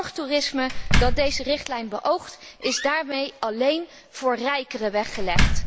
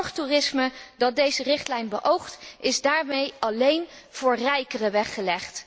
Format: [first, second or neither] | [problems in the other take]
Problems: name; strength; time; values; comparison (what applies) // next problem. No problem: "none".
second | background sound (Slam); as loud as the speech